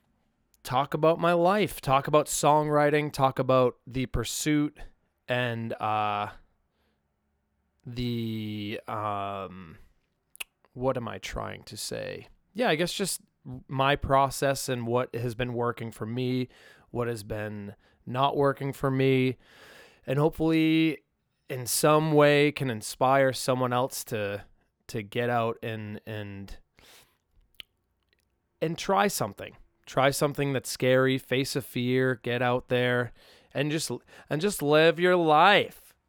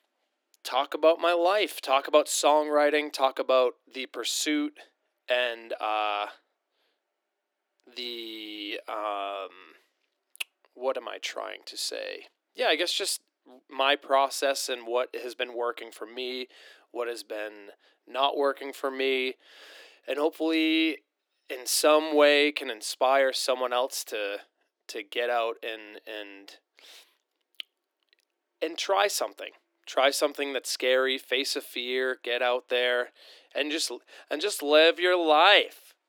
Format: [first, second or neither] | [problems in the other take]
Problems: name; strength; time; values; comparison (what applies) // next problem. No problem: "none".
first | thin; somewhat; fading below 300 Hz